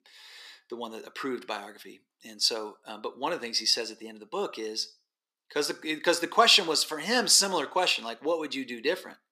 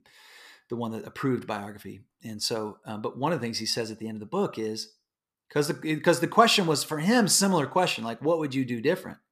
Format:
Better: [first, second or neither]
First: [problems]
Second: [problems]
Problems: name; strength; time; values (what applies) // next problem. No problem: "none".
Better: second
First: thin; somewhat; fading below 300 Hz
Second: none